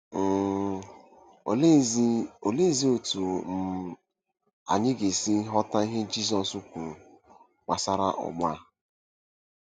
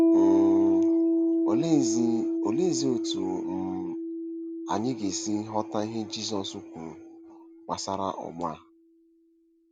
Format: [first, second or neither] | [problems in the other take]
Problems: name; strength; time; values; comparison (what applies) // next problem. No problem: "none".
first | background sound (Piano); 4 dB above the speech